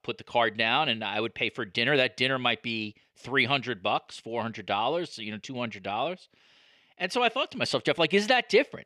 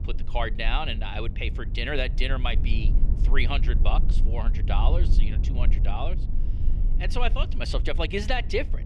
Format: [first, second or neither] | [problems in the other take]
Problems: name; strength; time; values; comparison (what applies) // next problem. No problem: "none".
first | low rumble; noticeable; throughout; 15 dB below the speech